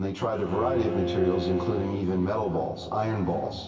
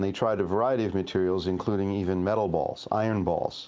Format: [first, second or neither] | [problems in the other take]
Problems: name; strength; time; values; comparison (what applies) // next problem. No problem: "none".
second | background sound (Bowed string instrument); 6 dB below the speech // room echo; dies away in 2.4 s